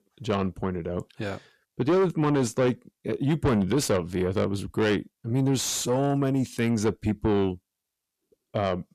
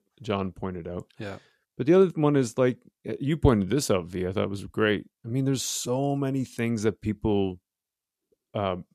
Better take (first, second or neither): second